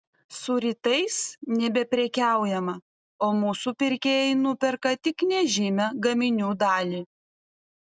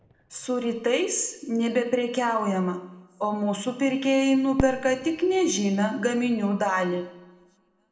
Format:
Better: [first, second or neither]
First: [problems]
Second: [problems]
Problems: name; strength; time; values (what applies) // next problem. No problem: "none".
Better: first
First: none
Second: background sound (Fireworks); 17 dB below the speech // room echo; dies away in 0.7 s